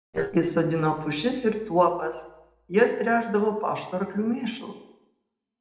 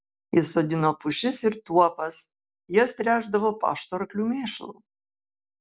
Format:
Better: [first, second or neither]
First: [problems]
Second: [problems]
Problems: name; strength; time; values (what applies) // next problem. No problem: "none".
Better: second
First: noise reduction (neural separator model SepFormer DNS4)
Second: none